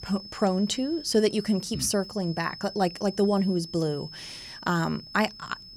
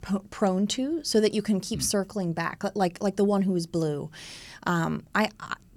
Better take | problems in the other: second | high-pitched whine; noticeable; throughout; 5 kHz, 15 dB below the speech

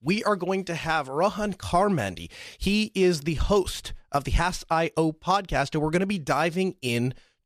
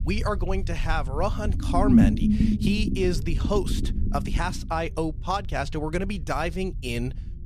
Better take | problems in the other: first | low rumble; loud; throughout; 2 dB below the speech

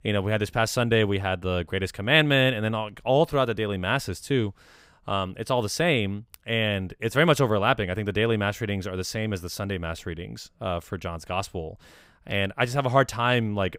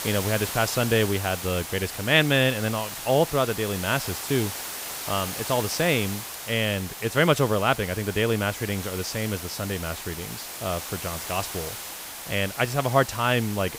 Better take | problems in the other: first | hiss; loud; throughout; 8 dB below the speech

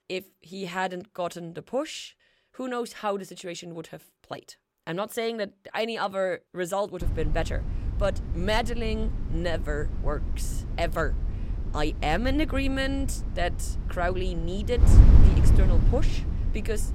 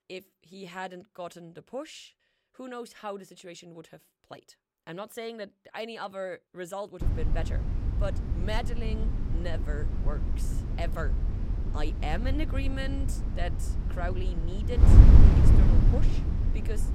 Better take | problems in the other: first | wind noise on the microphone; heavy; from 7 s on; 1 dB below the speech; occasional gusts in the first

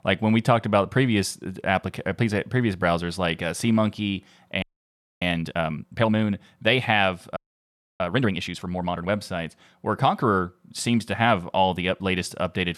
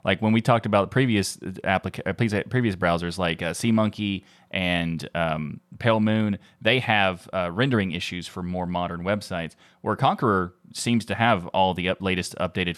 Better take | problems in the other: second | audio freezing; at 4.5 s for 0.5 s and at 7.5 s for 0.5 s

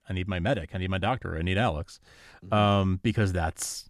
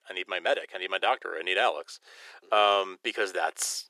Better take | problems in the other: first | thin; very; fading below 400 Hz

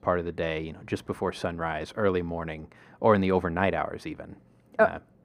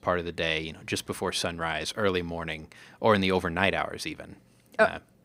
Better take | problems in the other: second | muffled; slightly; fading above 2 kHz

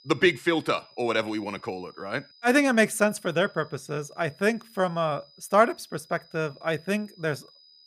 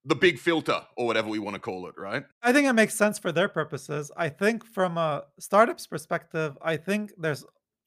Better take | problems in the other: second | high-pitched whine; faint; throughout; 5 kHz, 25 dB below the speech

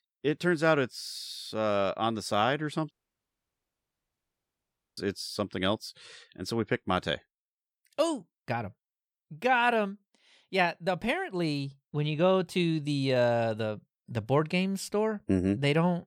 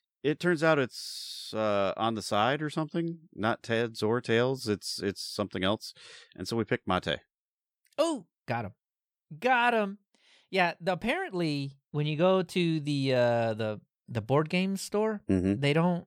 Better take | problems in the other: second | audio cutting out; at 3 s for 2 s

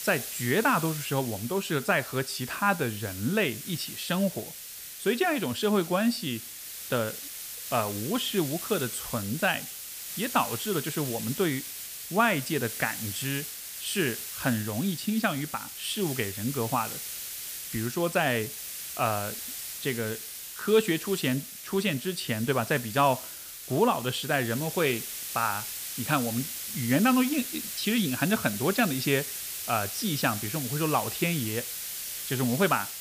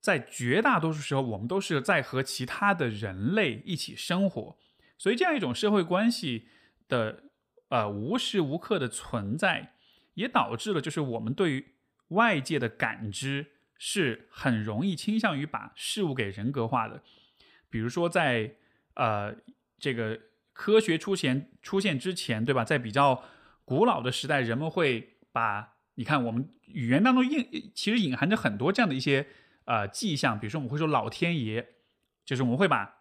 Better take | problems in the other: second | hiss; loud; throughout; 7 dB below the speech

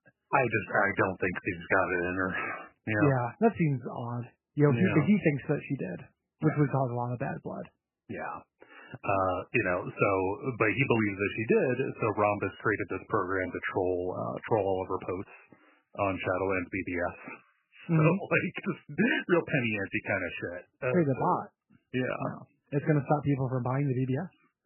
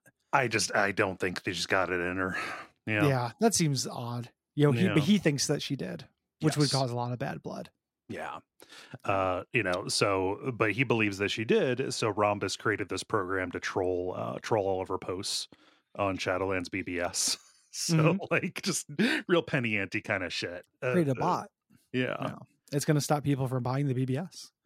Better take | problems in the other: second | garbled, watery; badly; nothing above 3 kHz

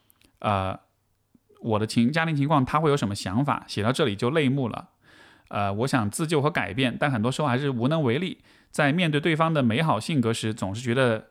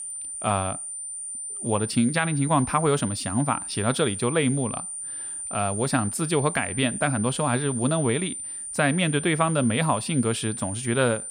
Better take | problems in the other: first | high-pitched whine; loud; throughout; 9 kHz, 6 dB below the speech

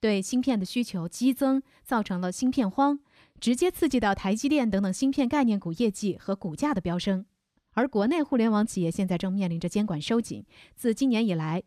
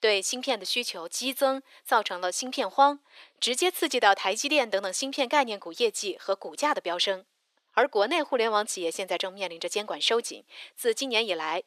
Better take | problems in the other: first | thin; very; fading below 450 Hz

